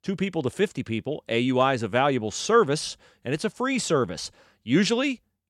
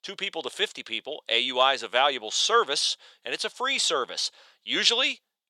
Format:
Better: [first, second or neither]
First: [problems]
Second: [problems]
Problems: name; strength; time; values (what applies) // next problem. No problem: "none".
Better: first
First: none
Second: thin; very; fading below 700 Hz